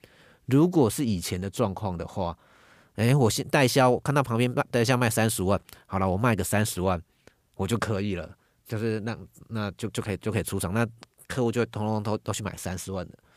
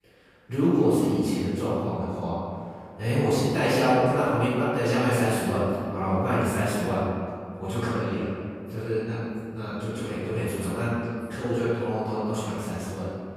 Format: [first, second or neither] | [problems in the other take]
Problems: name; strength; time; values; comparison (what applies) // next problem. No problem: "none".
first | off-mic speech; far // room echo; strong; dies away in 2.1 s